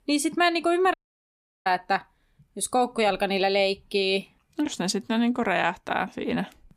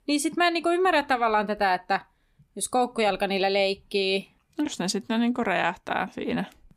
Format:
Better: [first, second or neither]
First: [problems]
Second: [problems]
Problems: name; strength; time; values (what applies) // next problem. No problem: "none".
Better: second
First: audio cutting out; at 1 s for 0.5 s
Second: none